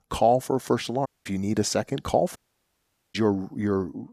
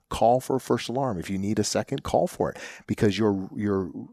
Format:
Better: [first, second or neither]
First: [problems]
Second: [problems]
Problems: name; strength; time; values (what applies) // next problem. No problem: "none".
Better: second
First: audio cutting out; at 1 s and at 2.5 s for 1 s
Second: none